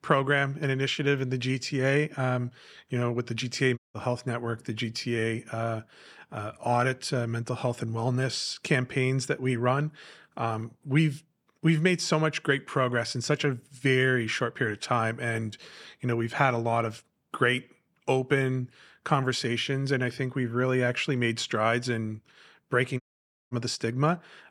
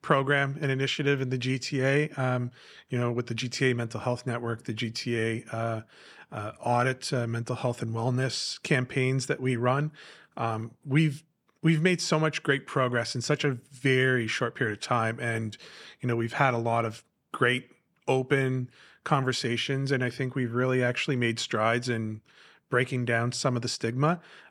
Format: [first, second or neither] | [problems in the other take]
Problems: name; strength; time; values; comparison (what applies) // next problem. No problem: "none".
second | audio cutting out; at 4 s and at 23 s for 0.5 s